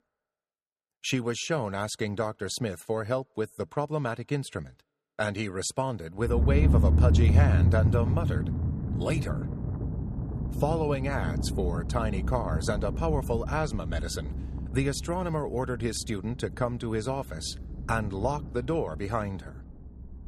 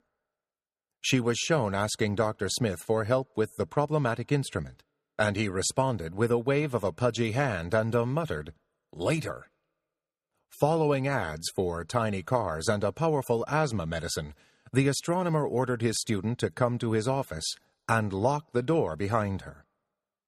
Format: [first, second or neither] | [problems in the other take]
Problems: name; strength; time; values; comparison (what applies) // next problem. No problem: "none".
second | low rumble; loud; from 6.5 s on; 8 dB below the speech